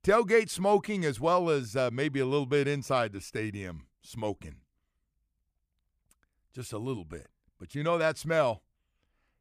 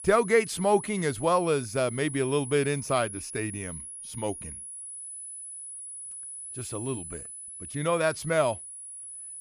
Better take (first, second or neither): first